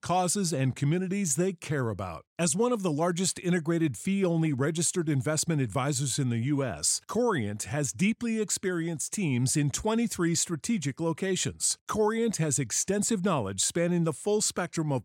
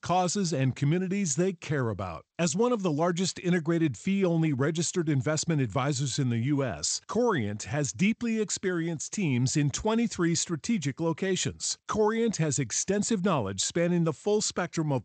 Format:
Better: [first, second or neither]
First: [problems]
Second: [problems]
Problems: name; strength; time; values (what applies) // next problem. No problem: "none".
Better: first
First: none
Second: garbled, watery; slightly; nothing above 8 kHz